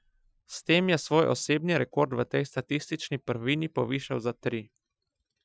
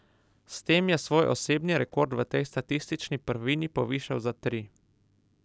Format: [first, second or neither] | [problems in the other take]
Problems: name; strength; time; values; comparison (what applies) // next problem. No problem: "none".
second | noise reduction (classical method Wiener filter)